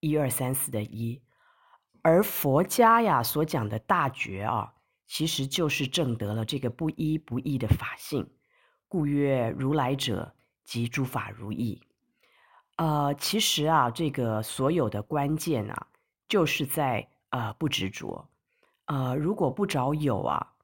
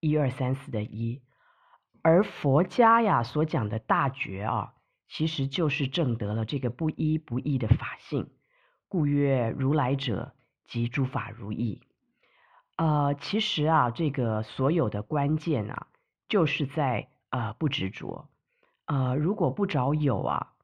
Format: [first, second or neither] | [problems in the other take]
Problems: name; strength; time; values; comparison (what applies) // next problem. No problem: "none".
first | muffled; slightly; fading above 3.5 kHz